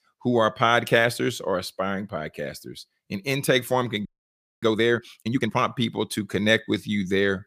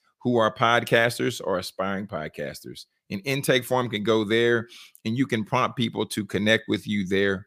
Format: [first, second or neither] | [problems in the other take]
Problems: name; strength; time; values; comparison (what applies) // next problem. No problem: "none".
second | audio freezing; at 4 s for 0.5 s